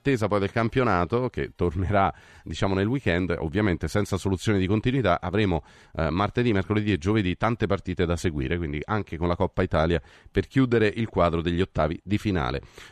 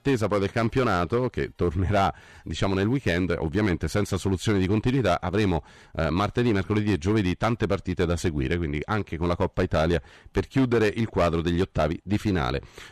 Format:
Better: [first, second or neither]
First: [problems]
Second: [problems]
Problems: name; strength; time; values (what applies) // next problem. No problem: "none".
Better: first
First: none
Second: distortion; slight; 6% of the sound clipped